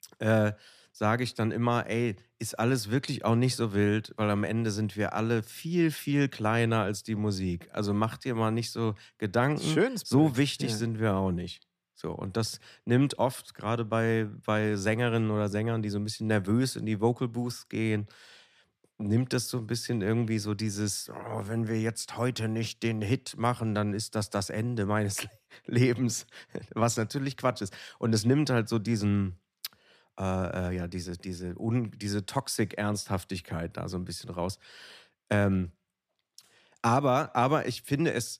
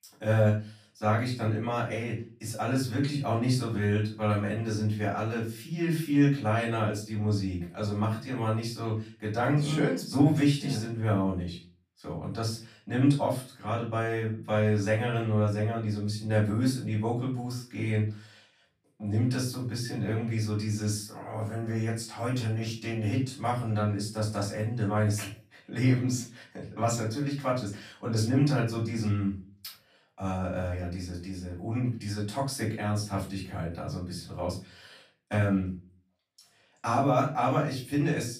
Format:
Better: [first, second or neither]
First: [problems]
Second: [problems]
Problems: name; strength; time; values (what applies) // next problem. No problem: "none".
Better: first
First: none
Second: room echo; slight; dies away in 0.3 s // off-mic speech; far